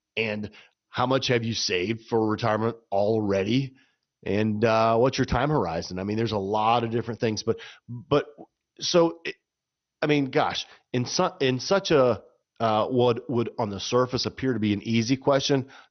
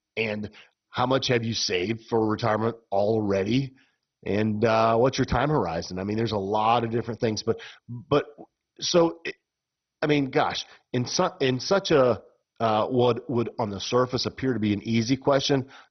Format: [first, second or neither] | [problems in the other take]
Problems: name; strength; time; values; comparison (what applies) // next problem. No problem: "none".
first | garbled, watery; badly; nothing above 6 kHz; slightly in the first